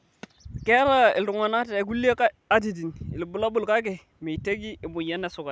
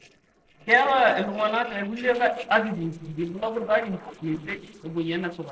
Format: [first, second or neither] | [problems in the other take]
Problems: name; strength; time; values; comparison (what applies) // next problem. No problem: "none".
first | noise reduction (neural separator model SepFormer DNS4)